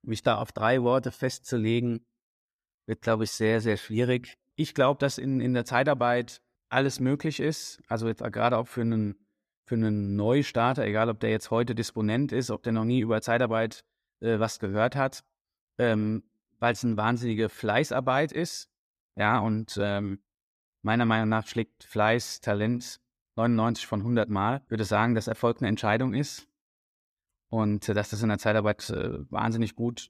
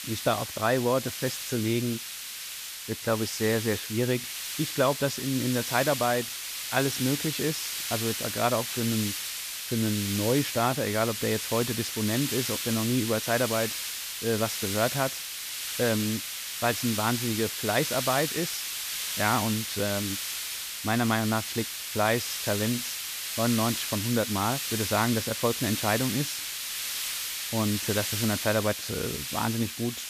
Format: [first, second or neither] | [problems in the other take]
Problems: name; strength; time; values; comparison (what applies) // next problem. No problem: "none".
first | hiss; loud; throughout; 3 dB below the speech